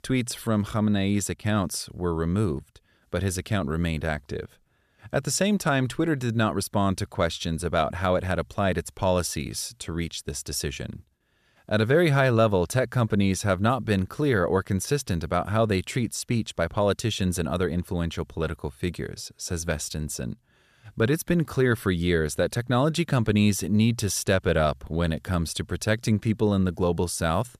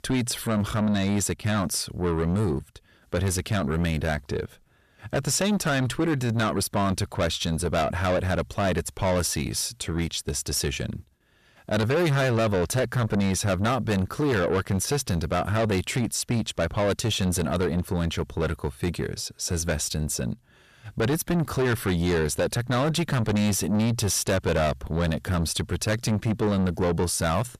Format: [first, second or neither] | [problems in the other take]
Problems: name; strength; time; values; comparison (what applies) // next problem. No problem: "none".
first | distortion; heavy; 8 dB below the speech